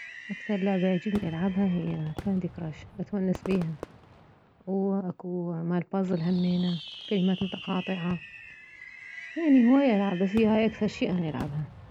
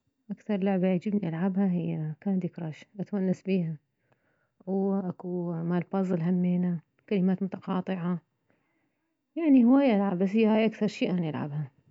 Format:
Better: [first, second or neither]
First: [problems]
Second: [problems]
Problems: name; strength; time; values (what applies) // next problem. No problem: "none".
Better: second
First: background sound (Fireworks); 15 dB below the speech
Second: none